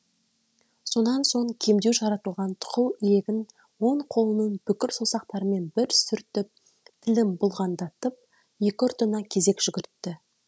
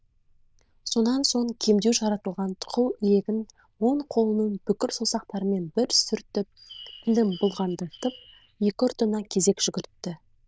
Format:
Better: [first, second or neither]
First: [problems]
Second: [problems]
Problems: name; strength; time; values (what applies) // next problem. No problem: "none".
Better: first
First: none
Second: noise reduction (neural diffusion model UNIVERSE++)